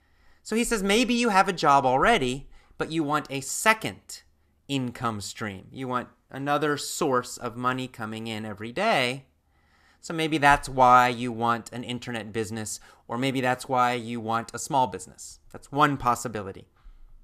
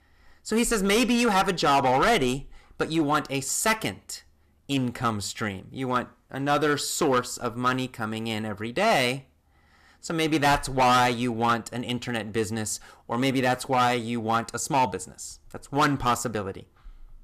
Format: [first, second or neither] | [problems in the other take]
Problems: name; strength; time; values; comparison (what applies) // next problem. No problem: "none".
first | distortion; heavy; 7% of the sound clipped